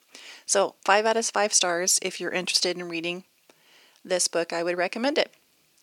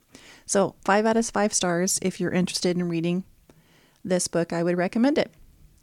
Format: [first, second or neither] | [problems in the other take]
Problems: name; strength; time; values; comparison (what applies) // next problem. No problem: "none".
second | thin; somewhat; fading below 450 Hz